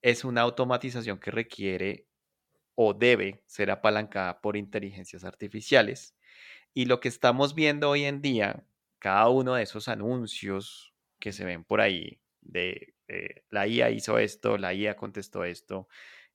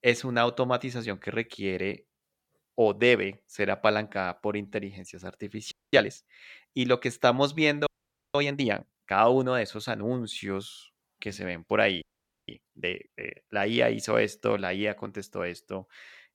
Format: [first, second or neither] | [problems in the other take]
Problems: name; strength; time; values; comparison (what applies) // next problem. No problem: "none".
first | audio freezing; at 5.5 s, at 8 s and at 12 s